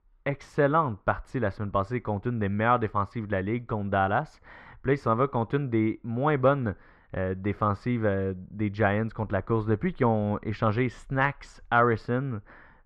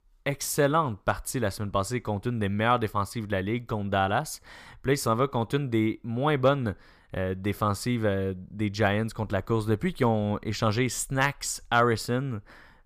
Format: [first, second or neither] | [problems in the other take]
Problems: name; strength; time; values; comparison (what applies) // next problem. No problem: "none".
second | muffled; very; fading above 1.5 kHz